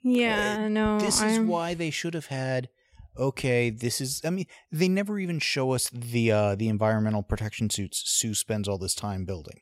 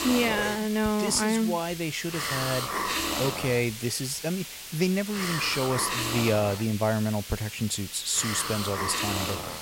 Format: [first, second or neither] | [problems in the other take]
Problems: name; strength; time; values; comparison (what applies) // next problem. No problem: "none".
first | hiss; loud; throughout; 4 dB below the speech